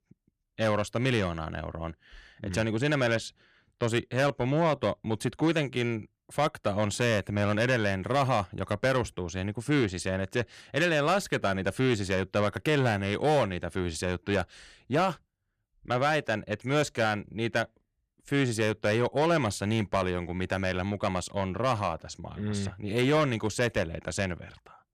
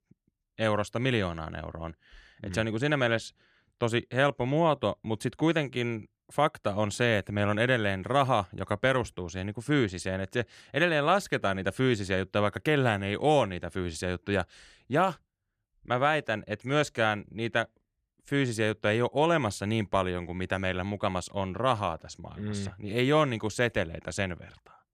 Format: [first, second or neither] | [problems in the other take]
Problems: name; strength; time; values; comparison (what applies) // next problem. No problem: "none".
second | distortion; slight; 10 dB below the speech